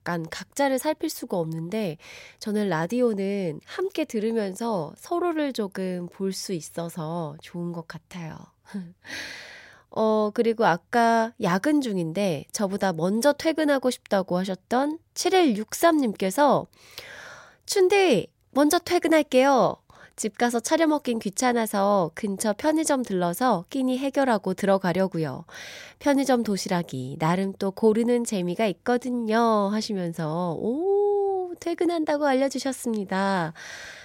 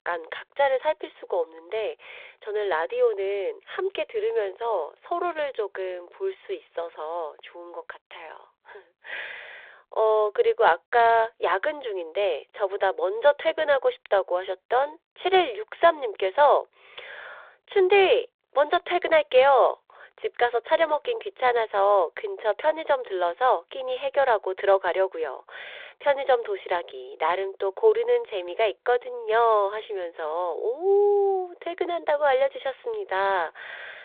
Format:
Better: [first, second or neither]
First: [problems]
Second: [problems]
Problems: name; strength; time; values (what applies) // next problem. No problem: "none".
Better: first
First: none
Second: phone-call audio